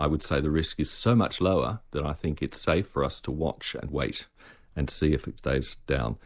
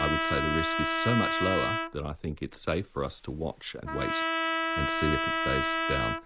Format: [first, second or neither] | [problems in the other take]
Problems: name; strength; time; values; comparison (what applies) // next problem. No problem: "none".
first | background sound (Trumpet); 2 dB above the speech